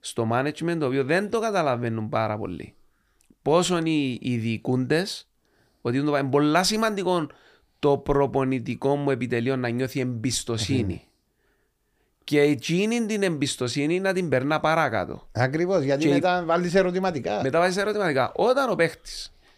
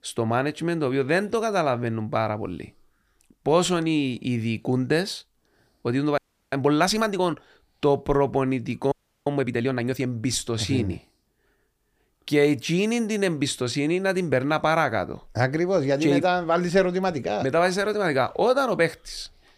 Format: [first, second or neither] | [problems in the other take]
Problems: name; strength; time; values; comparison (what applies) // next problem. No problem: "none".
first | audio freezing; at 6 s and at 9 s